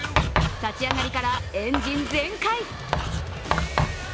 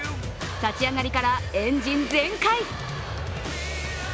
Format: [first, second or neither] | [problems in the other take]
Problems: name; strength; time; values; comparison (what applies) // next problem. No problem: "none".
second | background sound (Writing); as loud as the speech